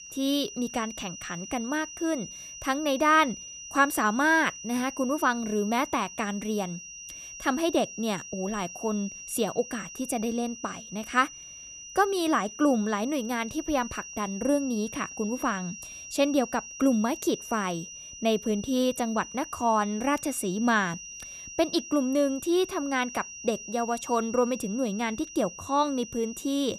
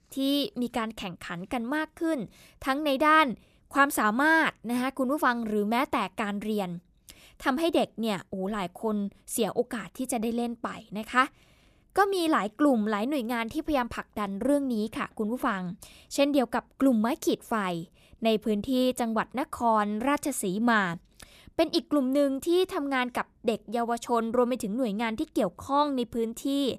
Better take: second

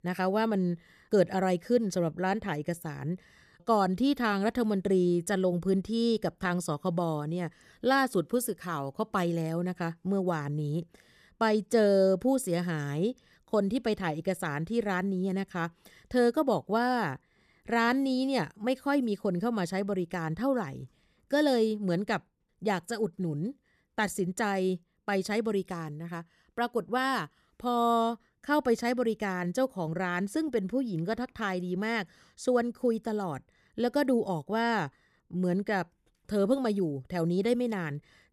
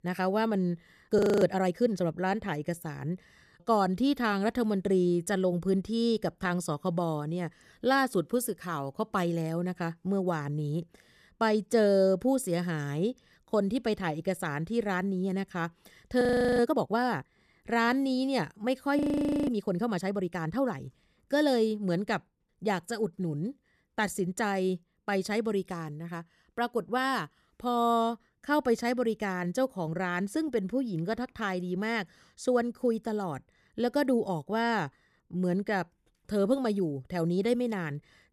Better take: first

